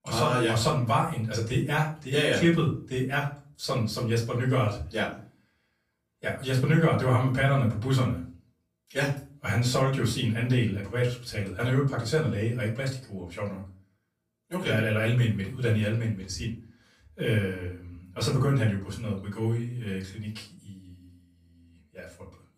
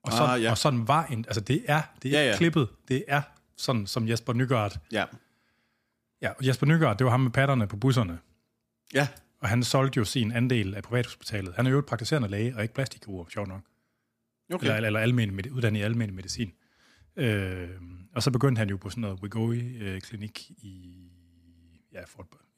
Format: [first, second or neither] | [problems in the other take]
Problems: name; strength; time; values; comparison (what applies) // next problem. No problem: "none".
second | room echo; slight; dies away in 0.3 s // off-mic speech; far